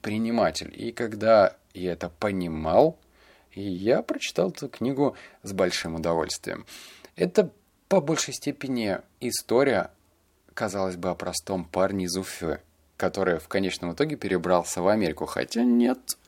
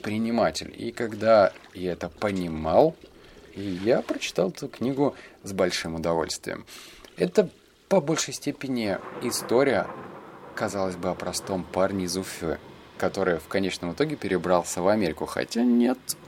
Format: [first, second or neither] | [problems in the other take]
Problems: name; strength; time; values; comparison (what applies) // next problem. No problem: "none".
first | rain or running water; noticeable; throughout; 20 dB below the speech